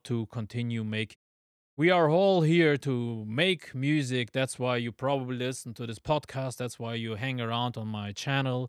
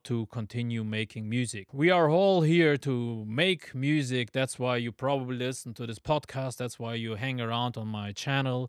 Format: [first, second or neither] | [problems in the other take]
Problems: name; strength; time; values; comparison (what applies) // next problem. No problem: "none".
second | audio cutting out; at 1 s for 0.5 s